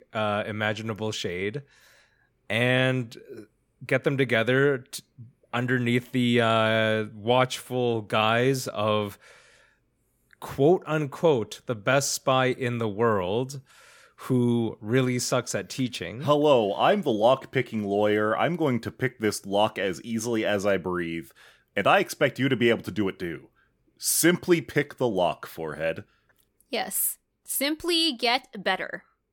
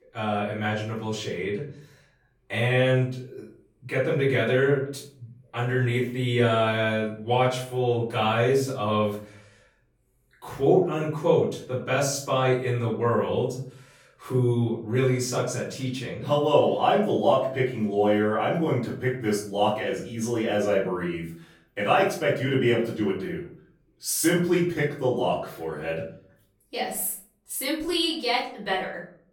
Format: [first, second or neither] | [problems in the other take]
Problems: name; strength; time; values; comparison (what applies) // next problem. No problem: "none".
first | off-mic speech; far // room echo; noticeable; dies away in 0.4 s